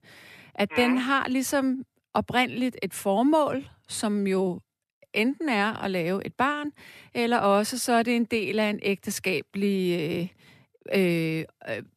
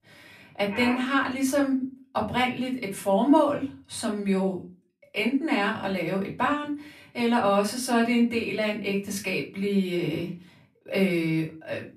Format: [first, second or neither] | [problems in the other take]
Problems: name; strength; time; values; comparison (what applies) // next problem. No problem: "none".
first | off-mic speech; far // room echo; very slight; dies away in 0.2 s